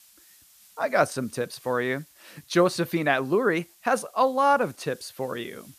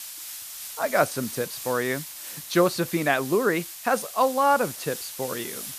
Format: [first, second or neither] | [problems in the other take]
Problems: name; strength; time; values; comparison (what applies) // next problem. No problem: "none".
first | hiss; loud; throughout; 10 dB below the speech; faint in the first